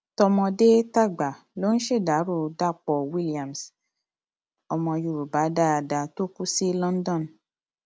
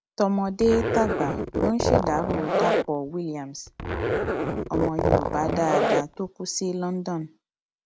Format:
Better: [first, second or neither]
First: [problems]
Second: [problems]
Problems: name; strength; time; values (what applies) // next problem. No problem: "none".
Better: first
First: none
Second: background sound (Zipper (clothing)); 2 dB above the speech